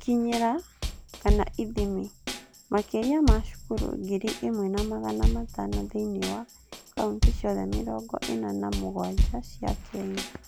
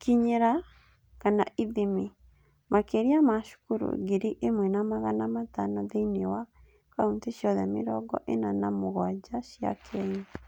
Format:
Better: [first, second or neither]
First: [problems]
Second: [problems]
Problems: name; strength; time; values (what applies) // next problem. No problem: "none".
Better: second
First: background sound (Drum kit); as loud as the speech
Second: none